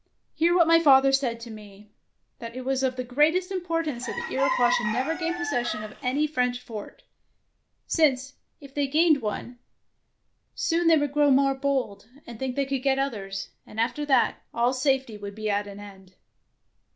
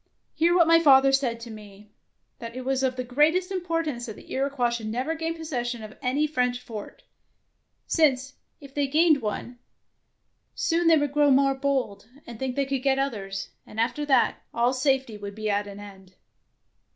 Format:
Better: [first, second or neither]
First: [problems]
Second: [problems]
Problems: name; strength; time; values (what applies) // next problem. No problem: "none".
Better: second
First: background sound (Chicken, rooster); 5 dB below the speech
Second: none